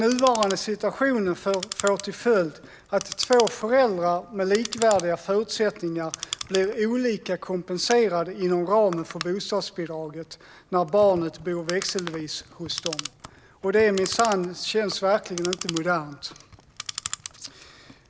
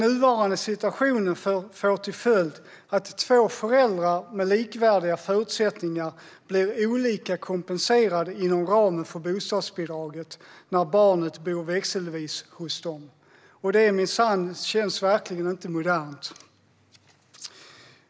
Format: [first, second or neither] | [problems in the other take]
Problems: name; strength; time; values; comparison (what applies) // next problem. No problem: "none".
second | background sound (Clock); 14 dB below the speech